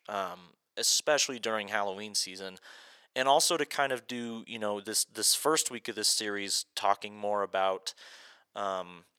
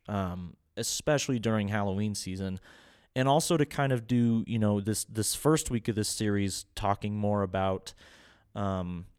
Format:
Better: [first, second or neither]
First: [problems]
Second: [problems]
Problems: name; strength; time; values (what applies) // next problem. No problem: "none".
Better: second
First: thin; very; fading below 600 Hz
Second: none